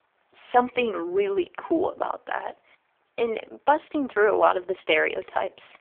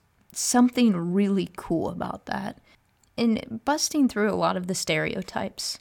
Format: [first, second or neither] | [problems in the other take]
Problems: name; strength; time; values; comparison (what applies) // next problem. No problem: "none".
second | phone-call audio; poor line; nothing above 3.5 kHz